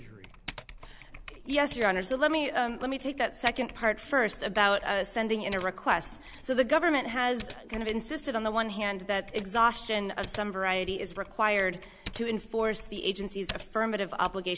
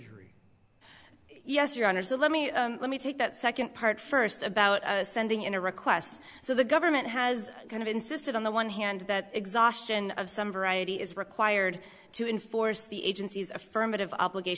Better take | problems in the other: second | background sound (Typing); 16 dB below the speech

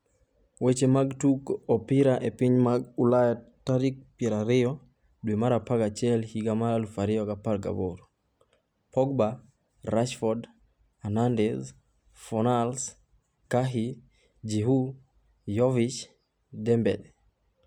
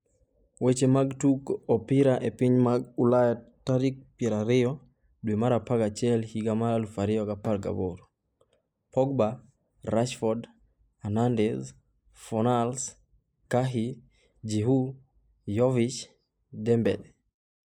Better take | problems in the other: first | noise reduction (neural mask model Resemble Enhance denoiser)

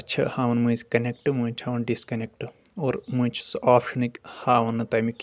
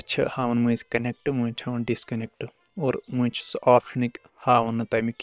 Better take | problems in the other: first | noise reduction (neural separator model SepFormer WHAM!)

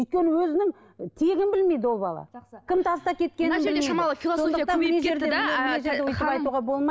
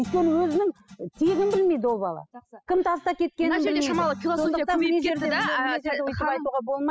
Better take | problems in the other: first | noise reduction (classical method spectral subtraction)

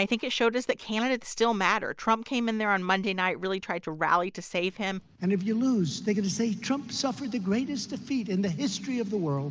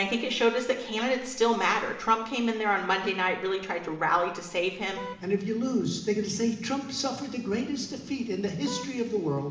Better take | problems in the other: first | background sound (Vehicle horn, car horn, honking); 16 dB below the speech // room echo; dies away in 1 s

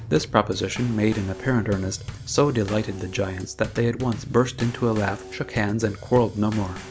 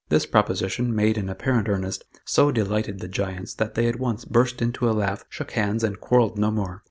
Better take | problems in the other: second | background sound (Bass drum / Snare drum / Drum kit); 13 dB below the speech

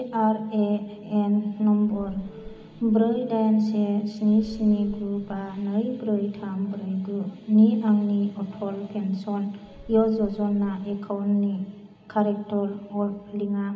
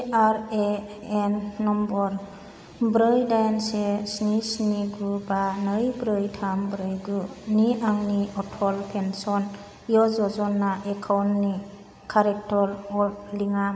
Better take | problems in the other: second | background sound (Subway, metro, underground / Doorbell); 19 dB below the speech // room echo; dies away in 0.4 s

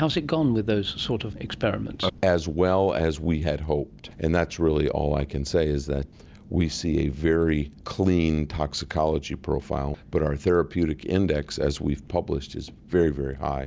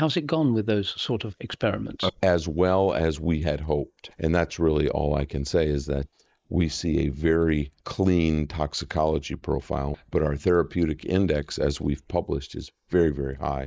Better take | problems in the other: first | noise reduction (neural mask model Resemble Enhance denoiser)

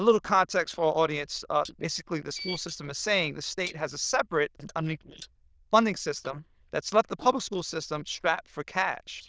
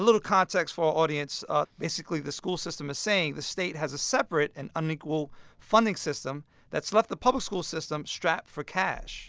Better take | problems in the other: second | noise reduction (neural diffusion model UNIVERSE++)

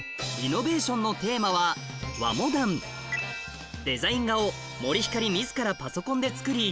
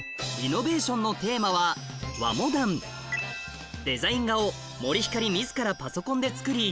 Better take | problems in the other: second | background sound (Bowed string instrument); 19 dB below the speech

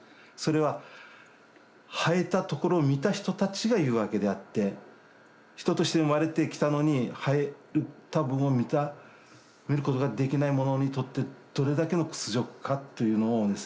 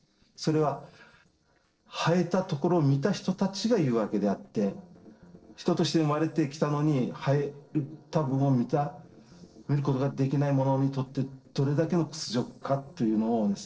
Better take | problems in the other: first | noise reduction (neural separator model SepFormer DNS4)

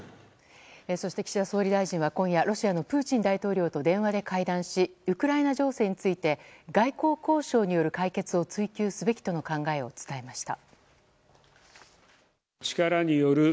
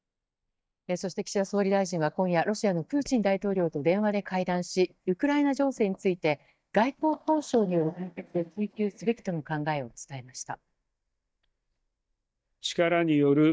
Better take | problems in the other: first | noise reduction (neural mask model DeepFilterNet 3)

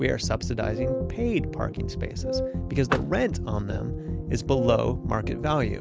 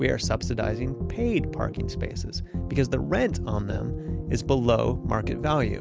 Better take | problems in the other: second | background sound (Vehicle + Wind instrument, woodwind instrument); 6 dB below the speech

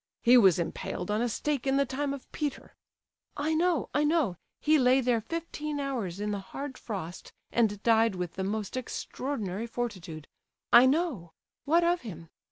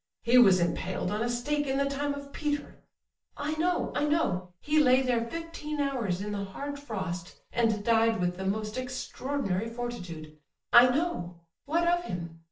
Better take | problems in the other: first | room echo; dies away in 0.4 s

